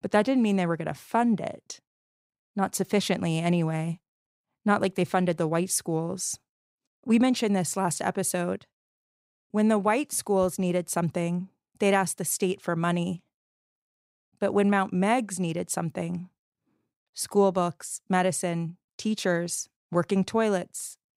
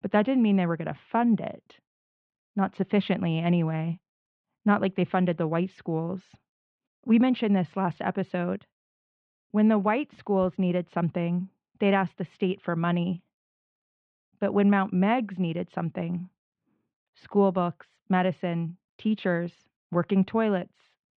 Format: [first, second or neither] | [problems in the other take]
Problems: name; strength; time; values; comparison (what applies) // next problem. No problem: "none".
first | muffled; very; fading above 3 kHz